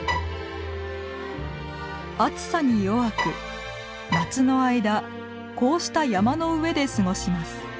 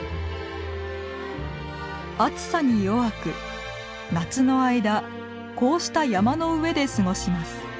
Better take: second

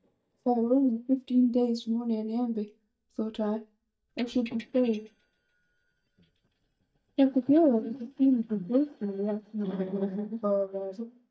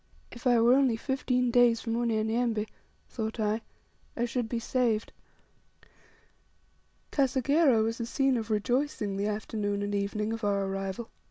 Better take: second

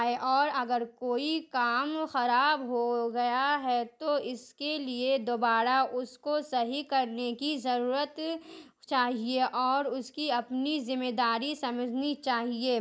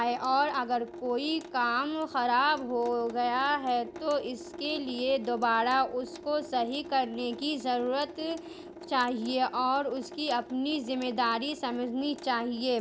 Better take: first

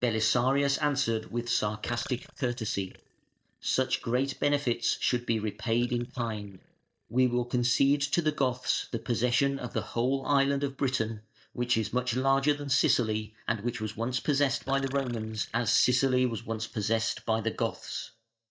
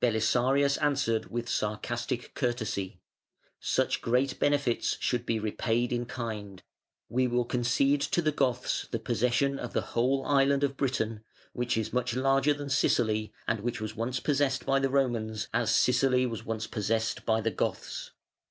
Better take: second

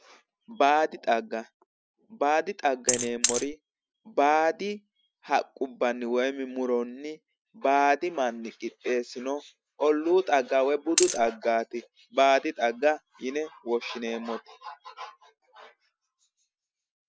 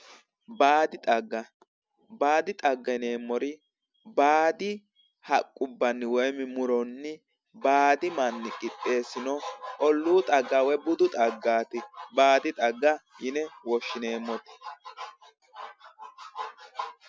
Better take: second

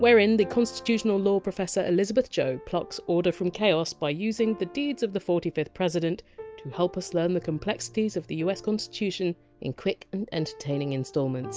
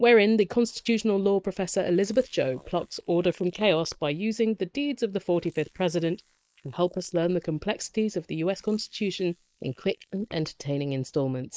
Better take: first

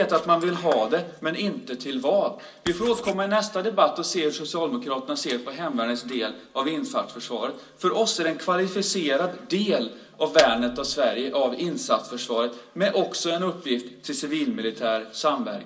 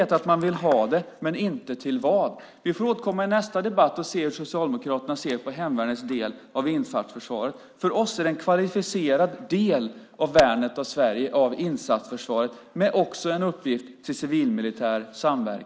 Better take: second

